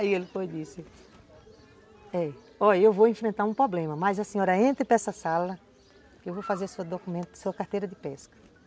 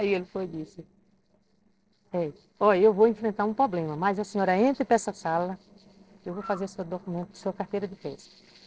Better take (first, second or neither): first